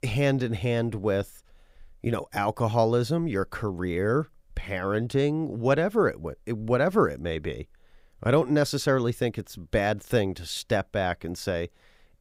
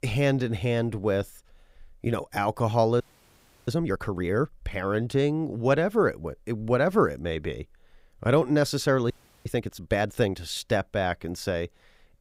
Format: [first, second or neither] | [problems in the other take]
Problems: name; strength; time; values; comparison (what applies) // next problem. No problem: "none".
first | audio freezing; at 3 s for 0.5 s and at 9 s